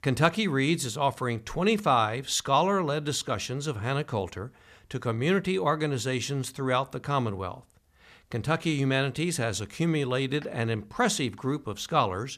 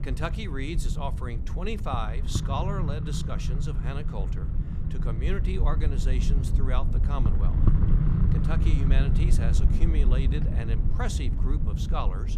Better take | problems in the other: first | low rumble; loud; throughout; 4 dB below the speech

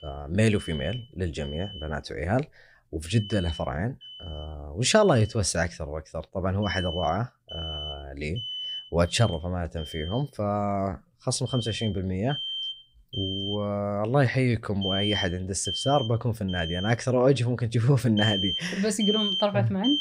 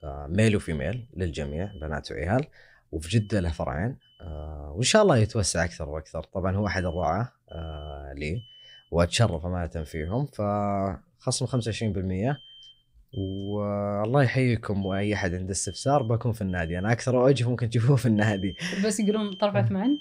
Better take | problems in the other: second | alarms or sirens; loud; throughout; 6 dB below the speech; faint in the second

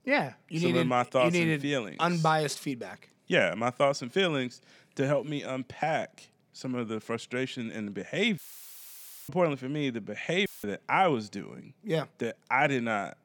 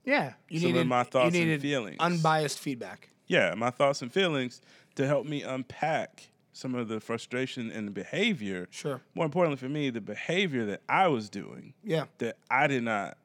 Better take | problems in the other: second | audio cutting out; filled with static; at 8.5 s for 1 s and at 10 s

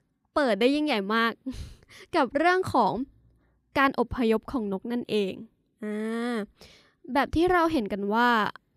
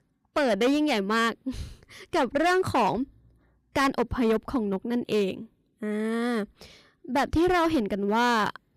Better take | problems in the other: first | distortion; slight; 7% of the sound clipped

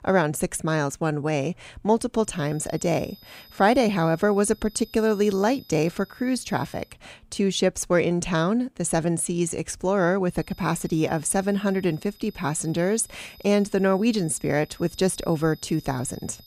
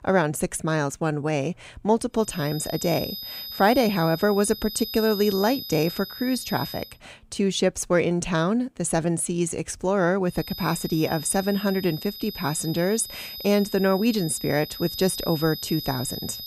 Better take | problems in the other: first | high-pitched whine; loud; from 2.5 to 7 s and from 10 s on; 5 kHz, 10 dB below the speech; faint in the first

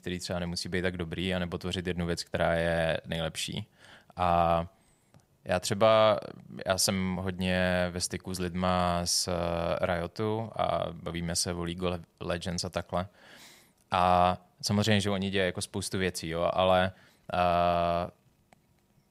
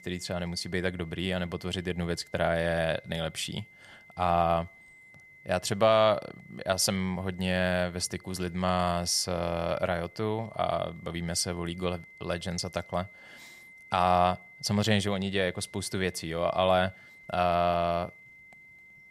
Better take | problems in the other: first | high-pitched whine; faint; throughout; 2 kHz, 20 dB below the speech

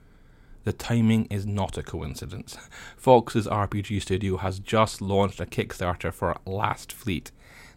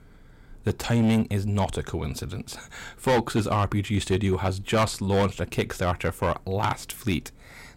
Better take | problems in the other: first | distortion; heavy; 6% of the sound clipped

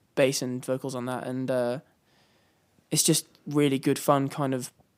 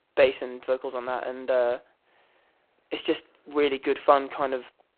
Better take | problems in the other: first | phone-call audio; poor line; nothing above 4 kHz

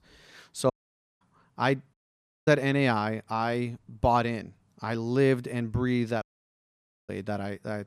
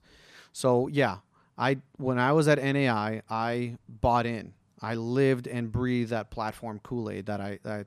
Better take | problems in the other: second | audio cutting out; at 0.5 s for 0.5 s, at 2 s for 0.5 s and at 6 s for 1 s

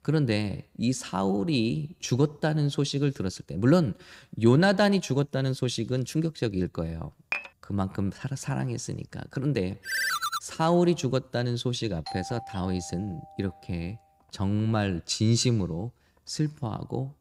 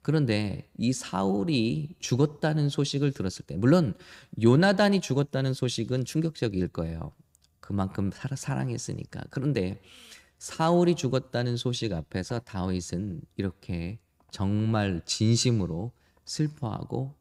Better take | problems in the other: second | clattering dishes; noticeable; at 7.5 s; peak 5 dB below the speech // phone ringing; loud; at 10 s; peak 1 dB above the speech // doorbell; faint; from 12 to 14 s; peak 10 dB below the speech

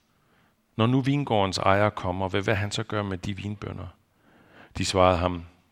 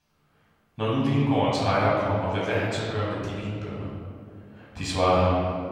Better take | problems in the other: first | room echo; noticeable; dies away in 2.1 s // off-mic speech; far

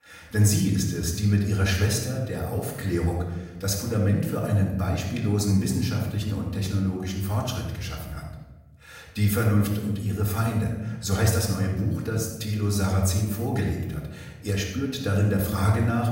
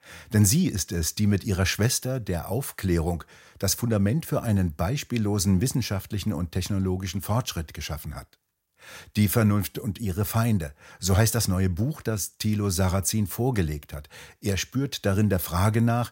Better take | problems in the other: second | off-mic speech; far // room echo; noticeable; dies away in 1 s

